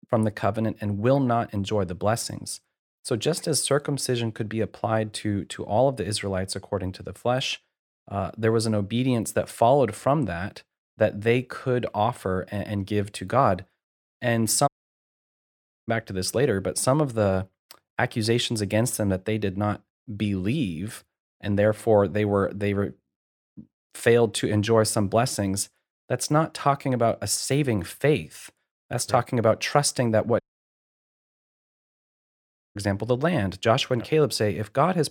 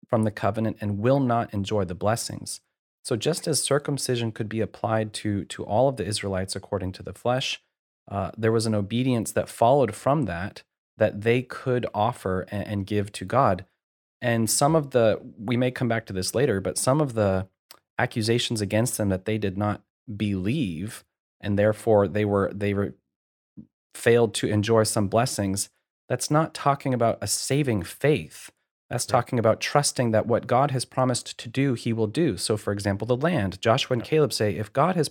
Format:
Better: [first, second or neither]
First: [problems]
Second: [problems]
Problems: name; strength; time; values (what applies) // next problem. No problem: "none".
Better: second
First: audio cutting out; at 15 s for 1 s and at 30 s for 2.5 s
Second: none